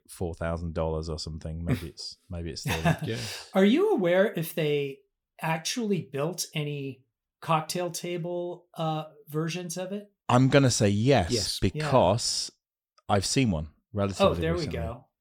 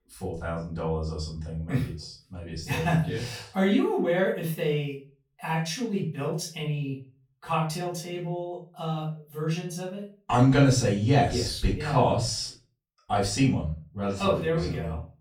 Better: first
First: none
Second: off-mic speech; far // room echo; slight; dies away in 0.3 s

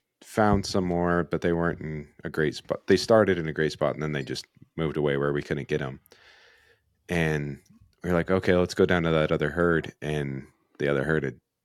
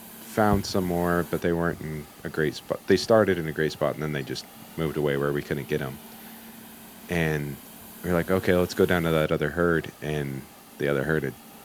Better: first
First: none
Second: hiss; noticeable; throughout; 20 dB below the speech

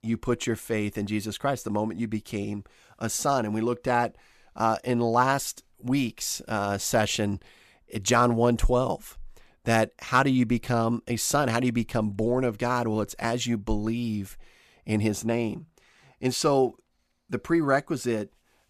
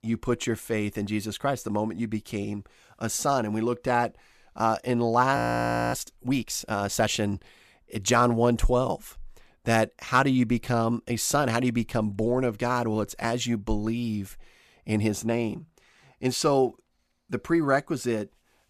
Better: first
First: none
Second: audio freezing; at 5.5 s for 0.5 s

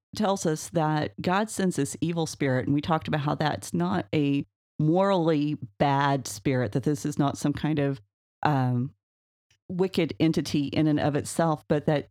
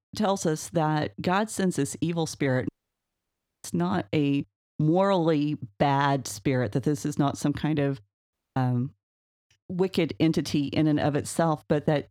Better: first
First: none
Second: audio cutting out; at 2.5 s for 1 s and at 8.5 s

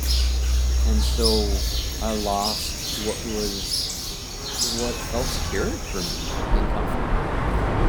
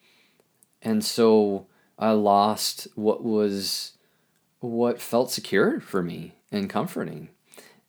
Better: second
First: animal sounds; very loud; throughout; 5 dB above the speech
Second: none

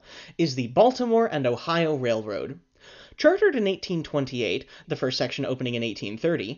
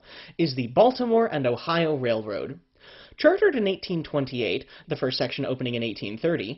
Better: first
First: garbled, watery; slightly; nothing above 6.5 kHz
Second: garbled, watery; badly; nothing above 5.5 kHz

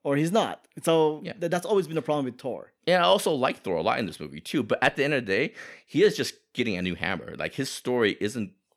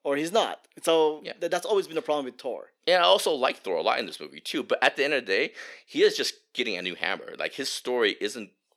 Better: first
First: none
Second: thin; somewhat; fading below 400 Hz

